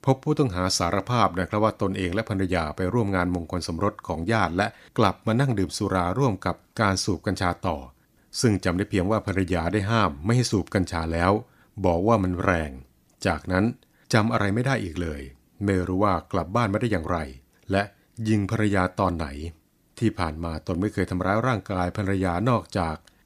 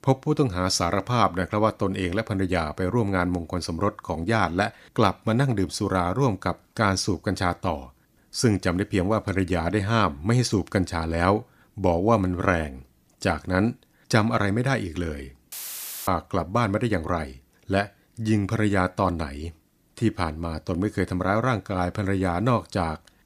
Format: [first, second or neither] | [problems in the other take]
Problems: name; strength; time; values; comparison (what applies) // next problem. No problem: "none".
first | audio cutting out; filled with static; at 16 s for 0.5 s